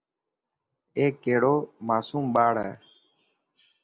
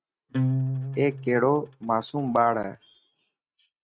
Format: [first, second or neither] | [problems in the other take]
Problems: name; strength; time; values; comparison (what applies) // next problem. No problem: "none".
first | noise reduction (neural mask model RNNoise)